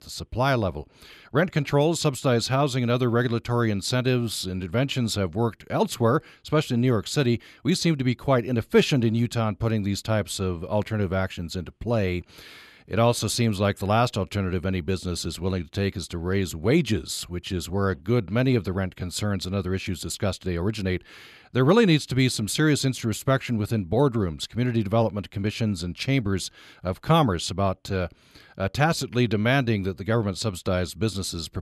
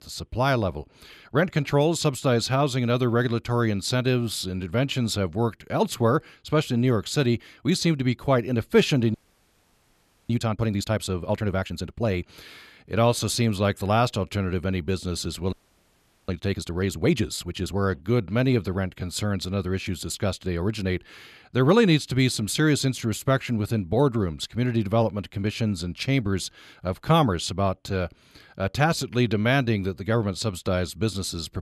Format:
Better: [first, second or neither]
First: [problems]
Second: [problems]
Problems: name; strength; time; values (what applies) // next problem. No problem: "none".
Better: first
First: none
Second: audio freezing; at 9 s for 1 s and at 16 s for 1 s